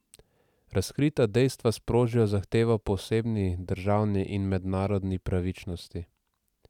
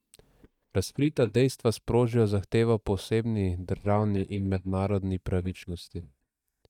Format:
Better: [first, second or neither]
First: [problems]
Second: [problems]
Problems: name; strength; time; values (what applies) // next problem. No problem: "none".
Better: first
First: none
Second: noise reduction (neural mask model DeepFilterNet 3)